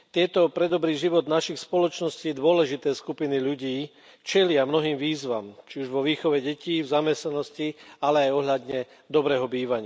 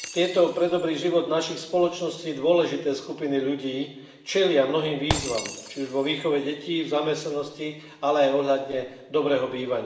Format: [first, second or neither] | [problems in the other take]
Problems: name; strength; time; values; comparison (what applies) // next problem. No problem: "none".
first | background sound (Shatter); 16 dB below the speech // room echo; dies away in 0.8 s